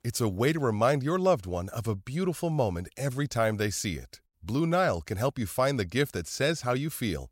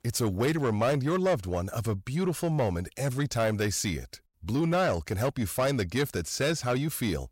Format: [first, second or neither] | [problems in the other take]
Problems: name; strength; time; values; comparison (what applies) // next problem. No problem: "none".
first | distortion; slight; 10 dB below the speech